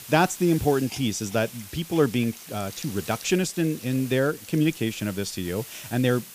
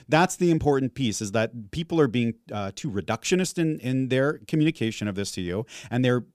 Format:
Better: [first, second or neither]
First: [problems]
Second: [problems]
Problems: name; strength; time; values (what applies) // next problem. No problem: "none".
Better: second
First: hiss; noticeable; throughout; 15 dB below the speech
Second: none